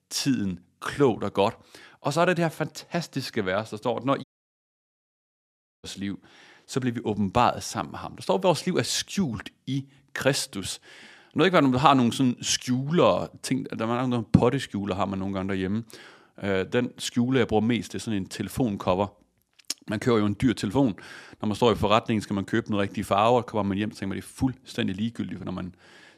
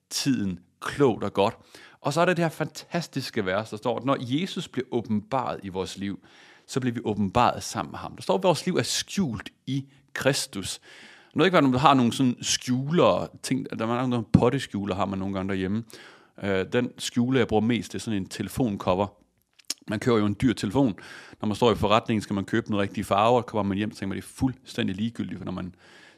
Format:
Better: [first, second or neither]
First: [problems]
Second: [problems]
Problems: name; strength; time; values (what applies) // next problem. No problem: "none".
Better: second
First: audio cutting out; at 4 s for 1.5 s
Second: none